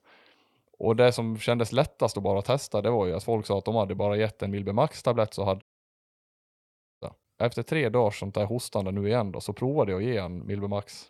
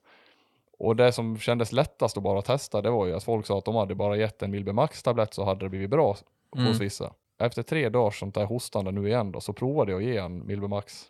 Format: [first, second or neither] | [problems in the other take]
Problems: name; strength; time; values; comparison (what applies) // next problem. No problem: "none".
second | audio cutting out; at 5.5 s for 1.5 s